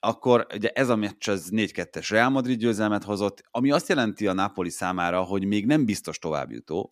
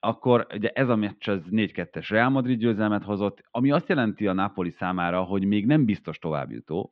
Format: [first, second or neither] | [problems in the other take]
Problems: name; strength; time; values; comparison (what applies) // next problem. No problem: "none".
first | muffled; very; fading above 3.5 kHz